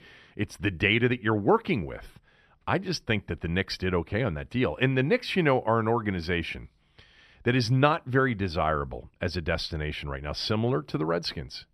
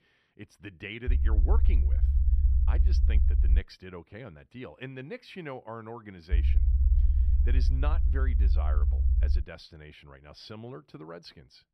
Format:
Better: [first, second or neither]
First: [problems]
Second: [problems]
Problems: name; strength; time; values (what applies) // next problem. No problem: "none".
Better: first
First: none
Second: low rumble; loud; from 1 to 3.5 s and from 6.5 to 9.5 s; 4 dB below the speech